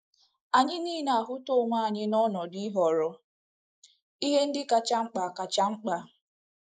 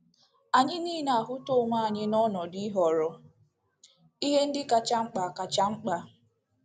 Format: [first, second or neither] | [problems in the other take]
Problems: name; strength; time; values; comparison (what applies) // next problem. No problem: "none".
second | noise reduction (neural mask model Resemble Enhance denoiser)